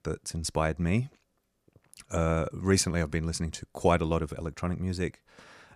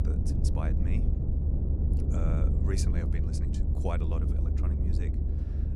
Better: first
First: none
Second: low rumble; loud; throughout; as loud as the speech

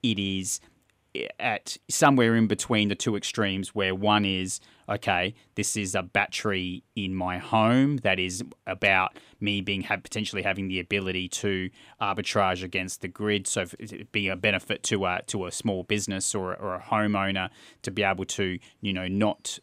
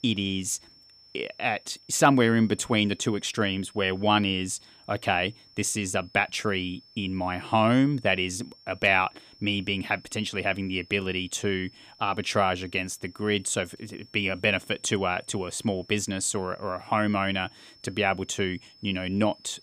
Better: first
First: none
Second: high-pitched whine; faint; throughout; 5.5 kHz, 25 dB below the speech

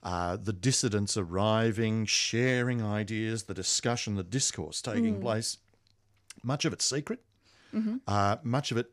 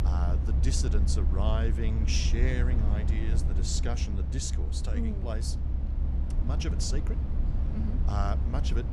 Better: first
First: none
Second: low rumble; loud; throughout; 7 dB below the speech

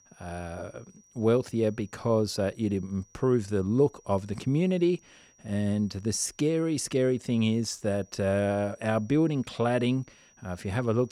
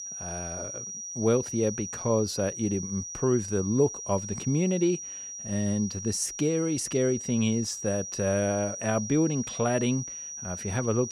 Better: first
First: high-pitched whine; faint; throughout; 5.5 kHz, 30 dB below the speech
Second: high-pitched whine; loud; throughout; 5.5 kHz, 7 dB below the speech

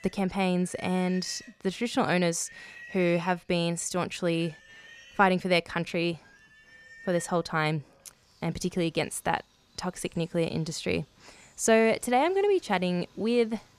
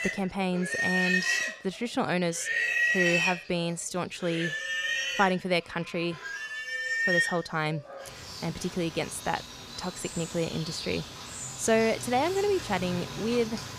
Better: first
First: animal sounds; faint; throughout; 25 dB below the speech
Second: animal sounds; loud; throughout; as loud as the speech

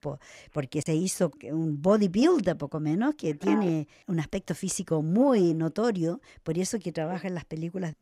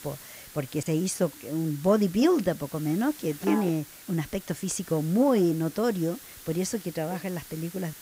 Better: first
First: none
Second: hiss; noticeable; throughout; 15 dB below the speech

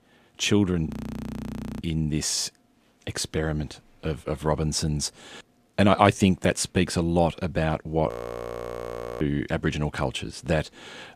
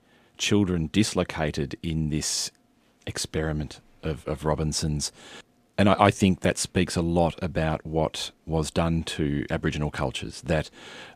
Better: second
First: audio freezing; at 1 s for 1 s and at 8 s for 1 s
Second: none

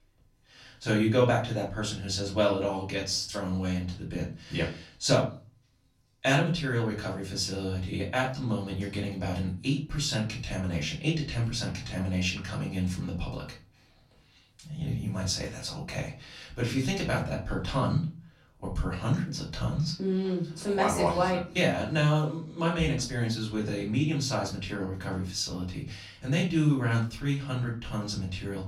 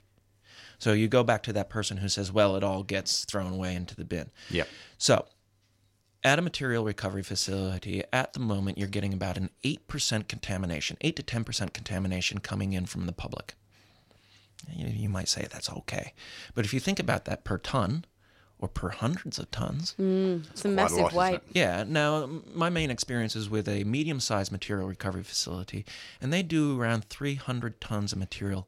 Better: second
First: off-mic speech; far // room echo; slight; dies away in 0.3 s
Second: none

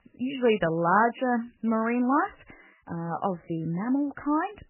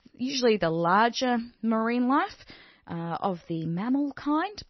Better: second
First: garbled, watery; badly; nothing above 3 kHz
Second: garbled, watery; slightly; nothing above 6 kHz

